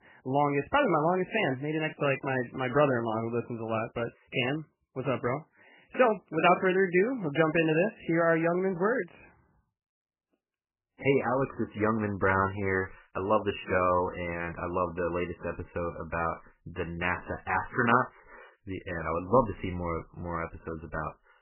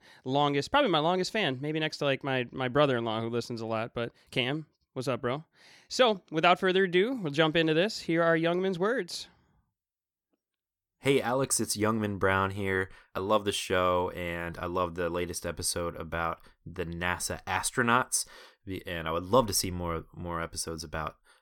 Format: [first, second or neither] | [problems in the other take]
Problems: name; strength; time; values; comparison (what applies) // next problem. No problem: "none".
second | garbled, watery; badly; nothing above 3 kHz